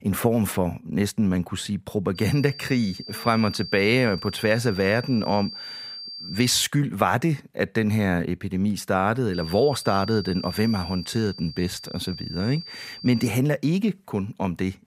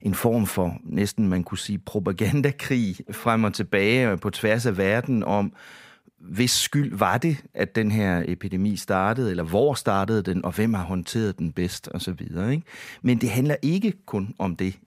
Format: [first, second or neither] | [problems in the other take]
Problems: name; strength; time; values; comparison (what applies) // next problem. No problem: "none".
second | high-pitched whine; noticeable; from 2 to 6.5 s and from 9.5 to 13 s; 4.5 kHz, 10 dB below the speech